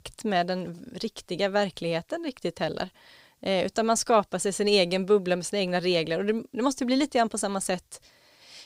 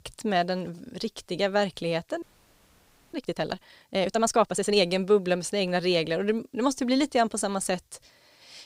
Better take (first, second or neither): first